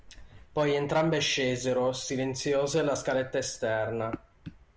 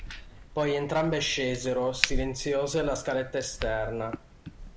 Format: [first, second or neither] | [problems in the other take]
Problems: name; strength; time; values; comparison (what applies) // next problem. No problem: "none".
first | background sound (Crack); 7 dB below the speech